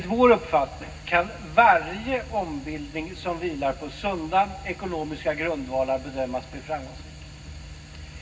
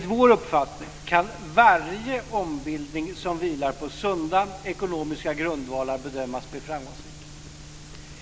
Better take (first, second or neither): second